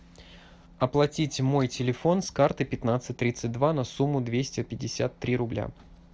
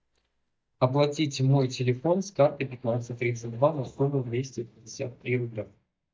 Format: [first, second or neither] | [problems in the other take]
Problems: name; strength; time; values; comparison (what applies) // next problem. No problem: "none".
first | noise reduction (neural mask model DeepFilterNet 3)